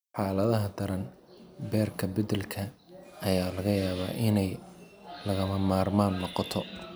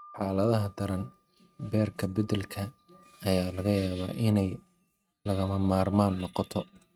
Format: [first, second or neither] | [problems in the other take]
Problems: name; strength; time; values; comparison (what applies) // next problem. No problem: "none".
first | noise reduction (neural mask model RNNoise)